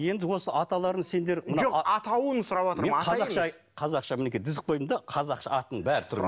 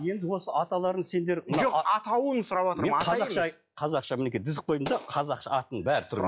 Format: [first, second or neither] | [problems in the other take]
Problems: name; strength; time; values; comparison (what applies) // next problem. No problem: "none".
first | noise reduction (classical method log-MMSE)